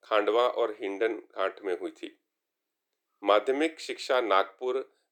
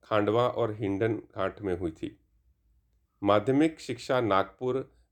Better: second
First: thin; somewhat; fading below 400 Hz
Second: none

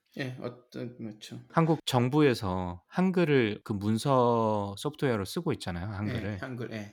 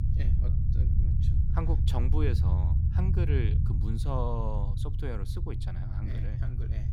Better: first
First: none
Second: low rumble; loud; throughout; 4 dB below the speech

